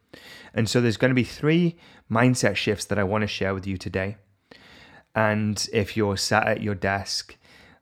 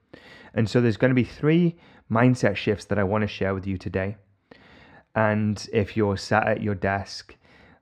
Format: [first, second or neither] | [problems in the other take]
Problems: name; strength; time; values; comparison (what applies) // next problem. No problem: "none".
first | muffled; slightly; fading above 2 kHz